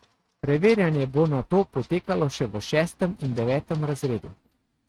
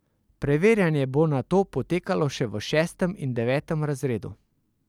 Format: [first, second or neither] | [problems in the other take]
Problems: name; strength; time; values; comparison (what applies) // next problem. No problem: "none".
second | noise reduction (neural mask model RNNoise)